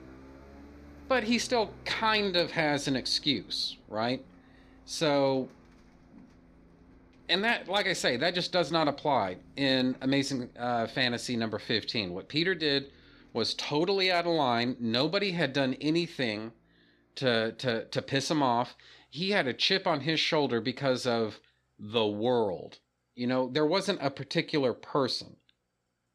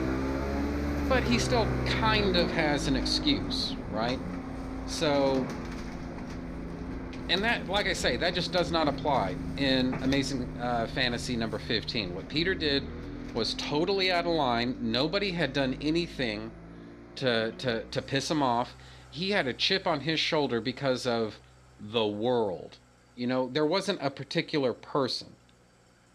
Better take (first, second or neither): first